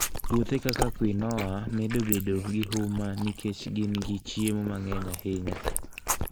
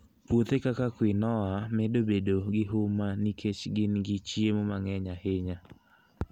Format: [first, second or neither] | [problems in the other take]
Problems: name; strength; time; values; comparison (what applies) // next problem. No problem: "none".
second | noise reduction (neural mask model Resemble Enhance denoiser)